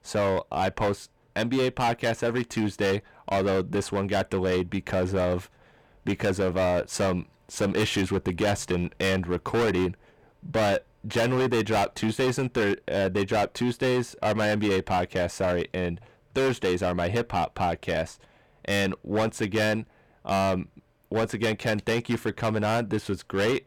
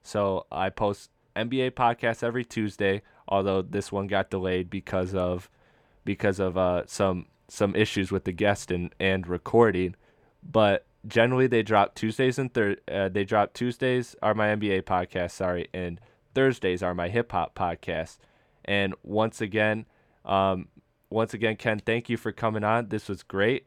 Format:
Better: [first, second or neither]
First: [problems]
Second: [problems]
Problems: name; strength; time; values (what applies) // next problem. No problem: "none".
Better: second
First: distortion; heavy; 16% of the sound clipped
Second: none